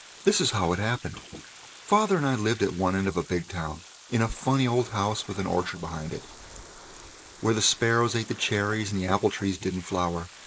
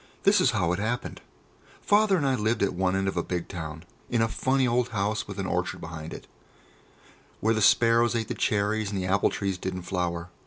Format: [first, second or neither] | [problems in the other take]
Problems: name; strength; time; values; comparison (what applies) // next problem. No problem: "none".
second | noise reduction (neural mask model Resemble Enhance denoiser)